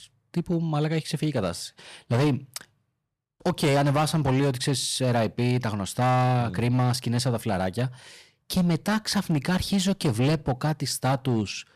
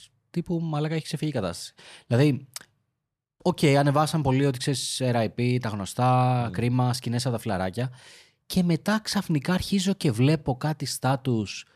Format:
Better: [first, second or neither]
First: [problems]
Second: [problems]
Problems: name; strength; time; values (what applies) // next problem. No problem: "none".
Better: second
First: distortion; slight; 10% of the sound clipped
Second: none